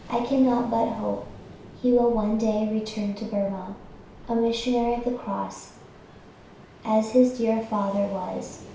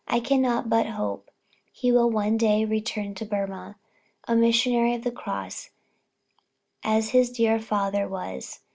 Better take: second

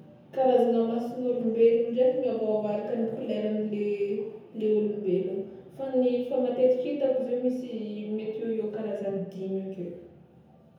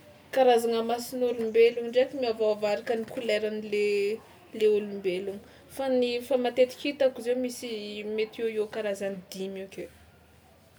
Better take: second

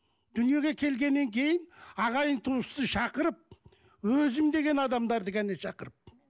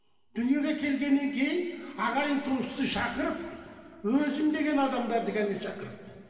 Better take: first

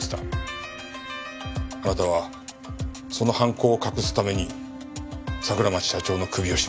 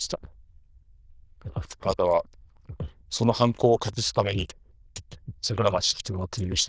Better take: first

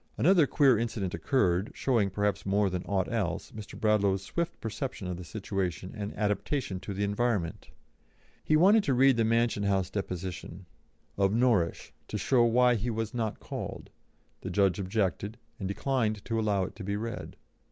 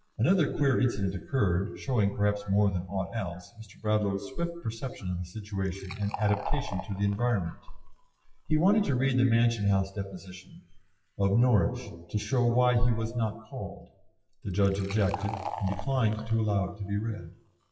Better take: first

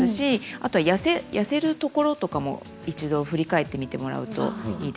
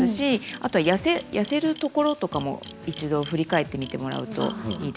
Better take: first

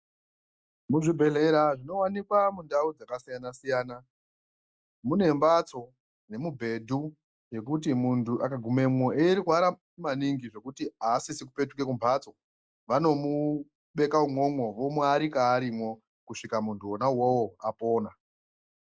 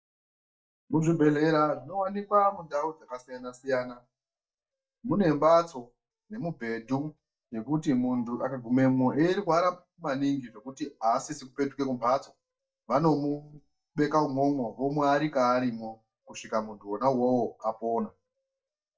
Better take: first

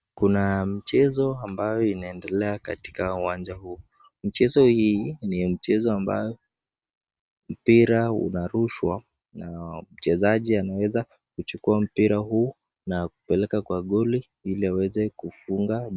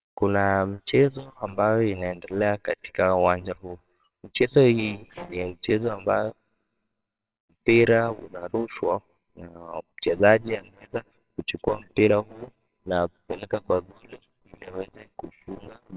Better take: first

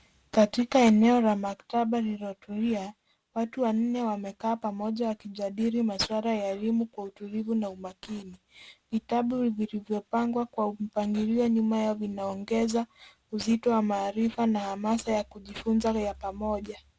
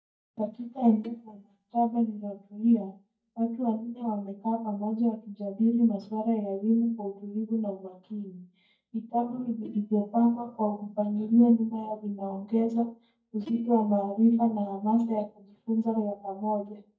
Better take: first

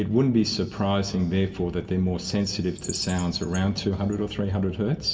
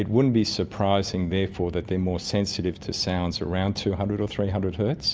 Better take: second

